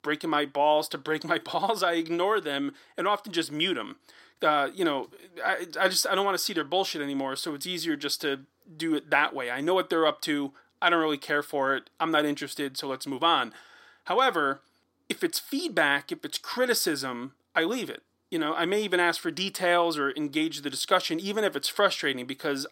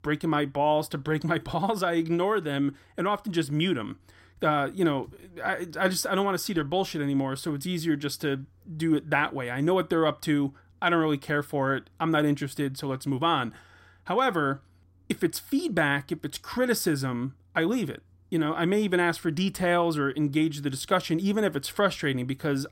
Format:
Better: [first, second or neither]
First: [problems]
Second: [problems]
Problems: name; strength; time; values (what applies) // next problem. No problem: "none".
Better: second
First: thin; somewhat; fading below 350 Hz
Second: none